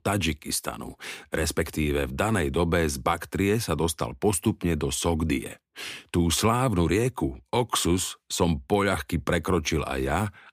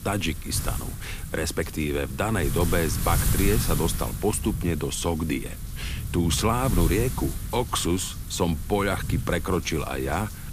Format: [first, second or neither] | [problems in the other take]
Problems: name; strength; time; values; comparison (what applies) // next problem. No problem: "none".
first | wind noise on the microphone; occasional gusts; 10 dB below the speech